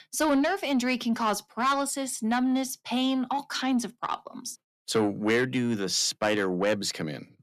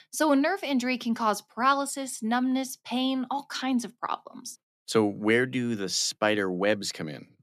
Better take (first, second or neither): second